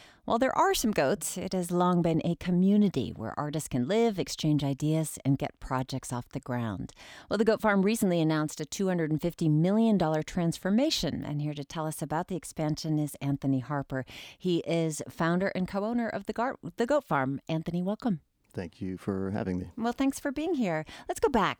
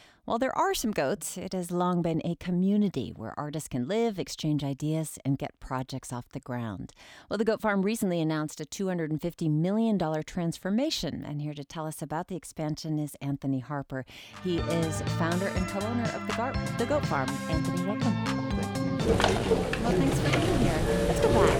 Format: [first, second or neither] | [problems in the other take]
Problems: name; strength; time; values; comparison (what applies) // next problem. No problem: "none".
first | background music; very loud; from 14 s on; 2 dB above the speech